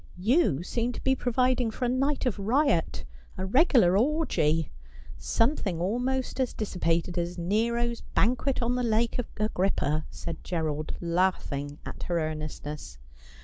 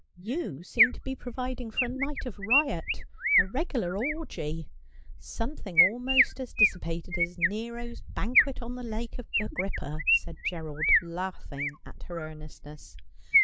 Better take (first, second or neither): first